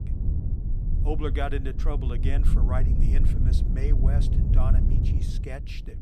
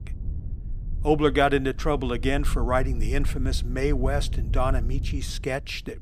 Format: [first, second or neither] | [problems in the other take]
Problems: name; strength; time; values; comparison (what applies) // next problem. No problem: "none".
second | low rumble; loud; throughout; 4 dB below the speech; faint in the second